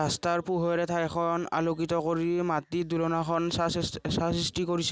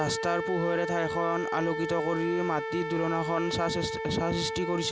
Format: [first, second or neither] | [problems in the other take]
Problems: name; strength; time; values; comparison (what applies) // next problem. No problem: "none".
first | background sound (Wind instrument, woodwind instrument); 4 dB below the speech